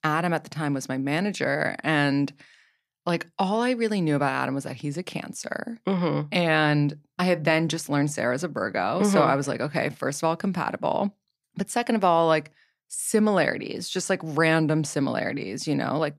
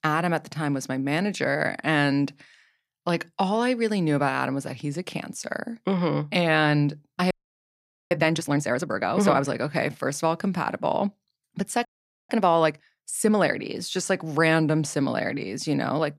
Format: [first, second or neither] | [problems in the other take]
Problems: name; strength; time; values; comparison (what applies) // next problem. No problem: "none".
first | audio freezing; at 7.5 s for 1 s and at 12 s